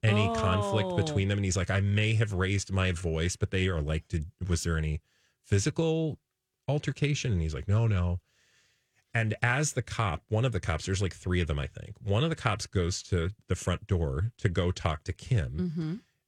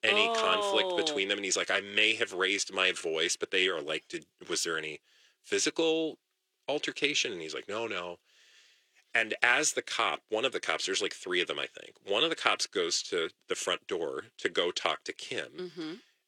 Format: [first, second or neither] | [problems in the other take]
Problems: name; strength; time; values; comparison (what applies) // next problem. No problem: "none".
first | thin; very; fading below 350 Hz